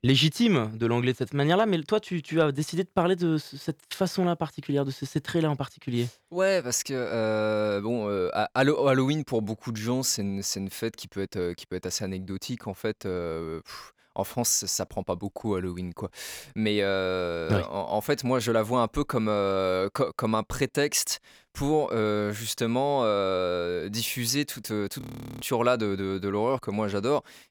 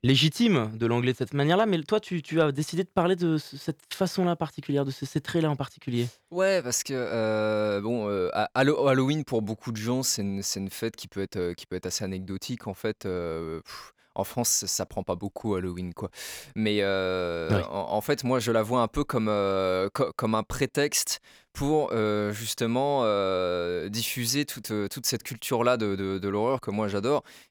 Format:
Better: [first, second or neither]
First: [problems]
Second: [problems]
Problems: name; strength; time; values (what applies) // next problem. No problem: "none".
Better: second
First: audio freezing; at 25 s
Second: none